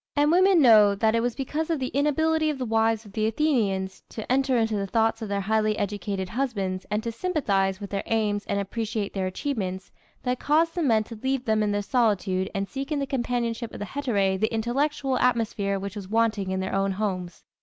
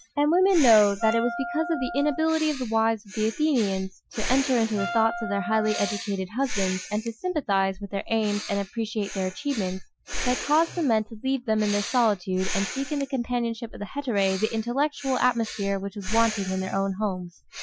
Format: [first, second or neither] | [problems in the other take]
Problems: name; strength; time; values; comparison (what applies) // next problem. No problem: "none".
first | noise reduction (classical method Wiener filter)